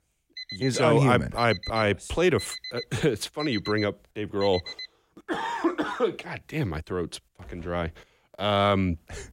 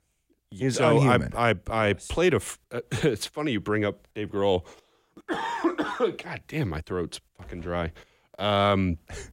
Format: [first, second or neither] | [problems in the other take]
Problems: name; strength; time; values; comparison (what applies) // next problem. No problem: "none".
second | alarm; noticeable; until 5 s; peak 9 dB below the speech